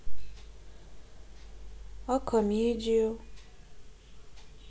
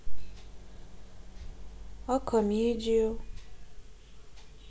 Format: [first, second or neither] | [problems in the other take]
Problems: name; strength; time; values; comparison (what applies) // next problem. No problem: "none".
first | background sound (Boat, Water vehicle); 13 dB below the speech